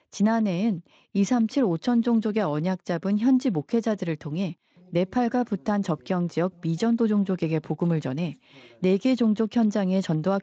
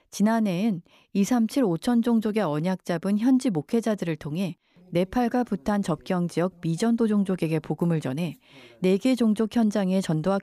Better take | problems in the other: second | garbled, watery; slightly

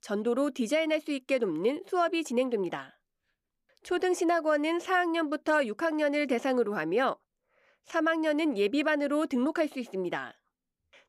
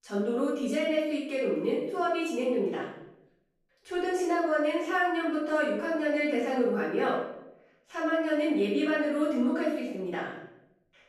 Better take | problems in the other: first | off-mic speech; far // room echo; noticeable; dies away in 0.7 s

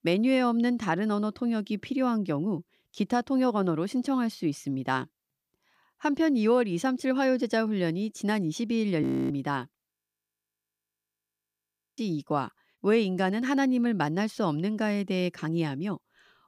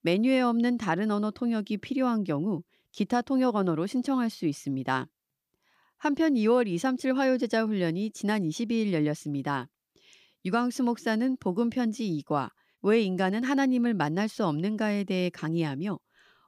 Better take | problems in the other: second | audio freezing; at 9 s and at 10 s for 2 s

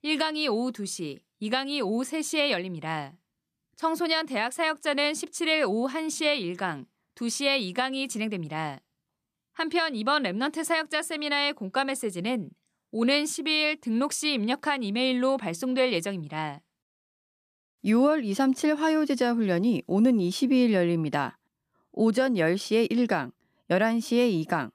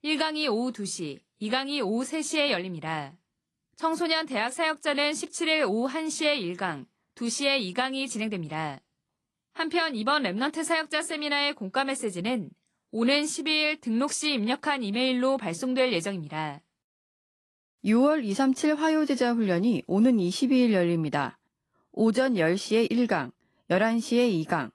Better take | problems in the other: first | garbled, watery; slightly

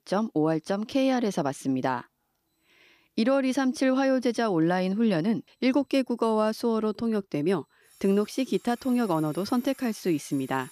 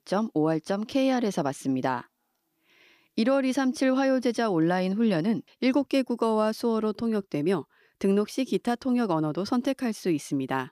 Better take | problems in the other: second | alarms or sirens; faint; throughout; 25 dB below the speech

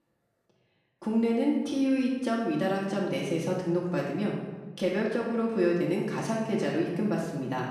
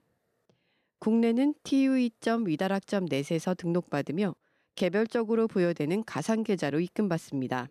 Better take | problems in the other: second | off-mic speech; far // room echo; noticeable; dies away in 1.1 s

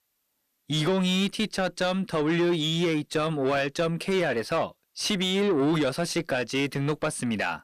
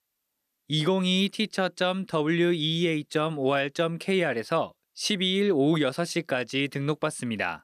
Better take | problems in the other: second | distortion; slight; 9 dB below the speech

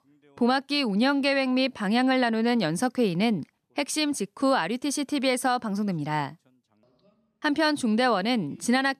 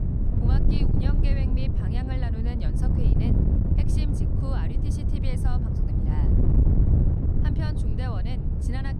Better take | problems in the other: first | wind noise on the microphone; heavy; 4 dB above the speech

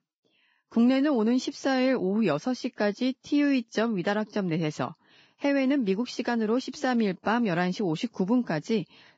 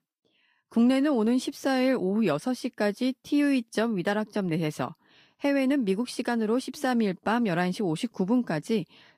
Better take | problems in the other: second | garbled, watery; badly; nothing above 7.5 kHz; slightly in the second

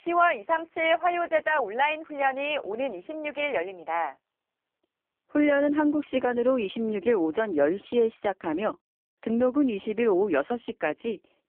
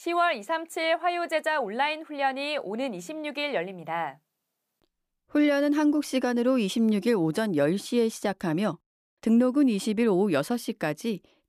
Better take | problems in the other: second | phone-call audio; poor line; nothing above 3 kHz

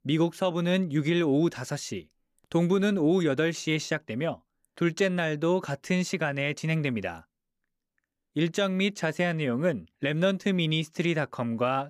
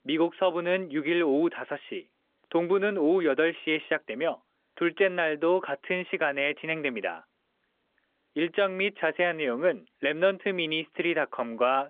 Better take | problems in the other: first | phone-call audio; nothing above 3.5 kHz

